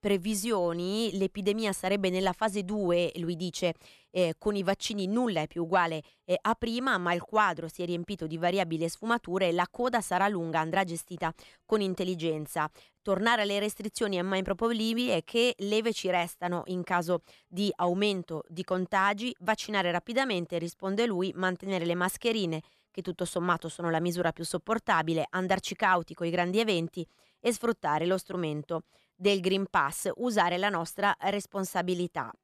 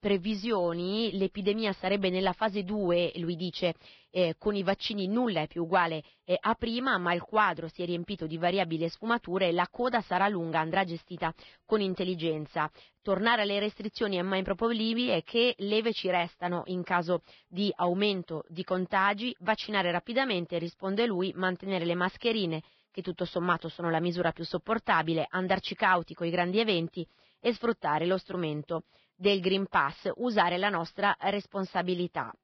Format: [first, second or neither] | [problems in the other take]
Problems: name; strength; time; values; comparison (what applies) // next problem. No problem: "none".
first | garbled, watery; badly; nothing above 5 kHz